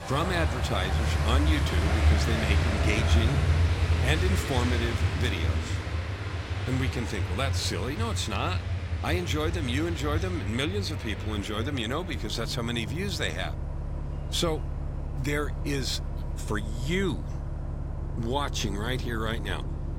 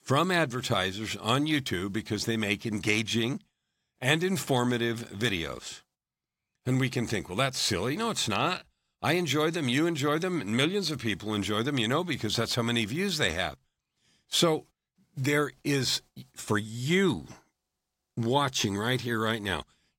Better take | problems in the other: second | traffic noise; very loud; throughout; 1 dB above the speech

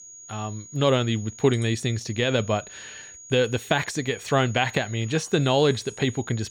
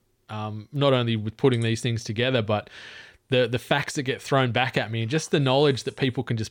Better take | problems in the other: second | high-pitched whine; noticeable; throughout; 6.5 kHz, 15 dB below the speech

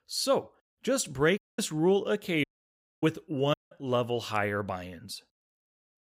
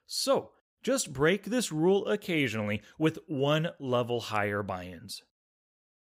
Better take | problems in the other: second | audio cutting out; at 1.5 s, at 2.5 s for 0.5 s and at 3.5 s

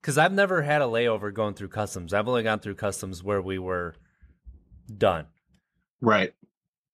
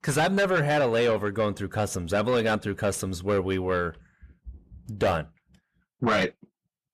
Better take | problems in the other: first | distortion; heavy; 7 dB below the speech

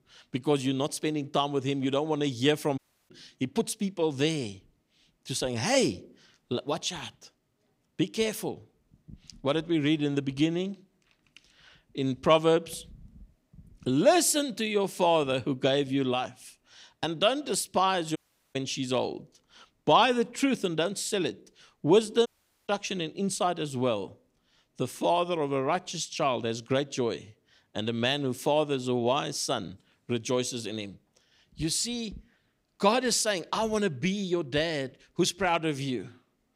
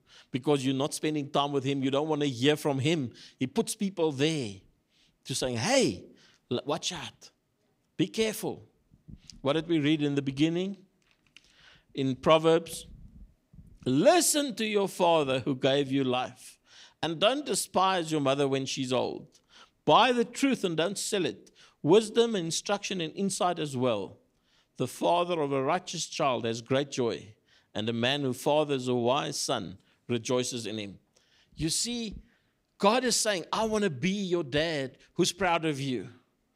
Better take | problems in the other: second | audio cutting out; at 3 s, at 18 s and at 22 s

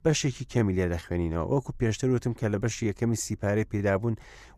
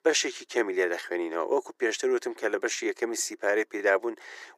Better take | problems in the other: first | thin; very; fading below 350 Hz

